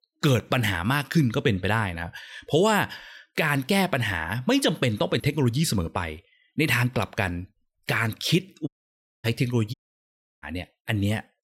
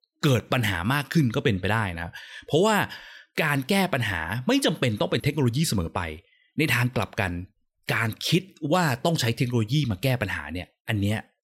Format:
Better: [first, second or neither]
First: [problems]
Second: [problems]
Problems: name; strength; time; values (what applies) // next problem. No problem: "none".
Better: second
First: audio cutting out; at 8.5 s for 0.5 s and at 9.5 s for 0.5 s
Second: none